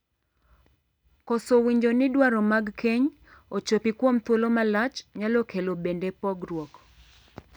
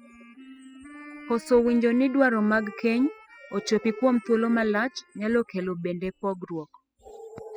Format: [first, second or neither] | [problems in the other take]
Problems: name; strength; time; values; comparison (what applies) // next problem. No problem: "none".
first | noise reduction (classical method spectral subtraction)